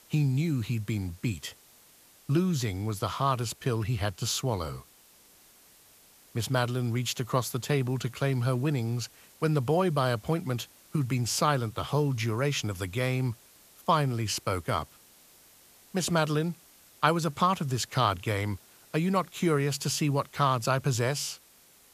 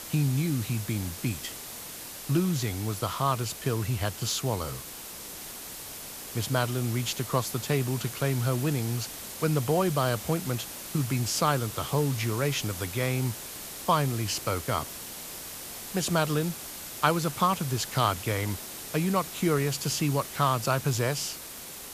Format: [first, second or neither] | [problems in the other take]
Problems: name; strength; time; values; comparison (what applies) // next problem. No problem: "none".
first | hiss; loud; throughout; 9 dB below the speech; faint in the first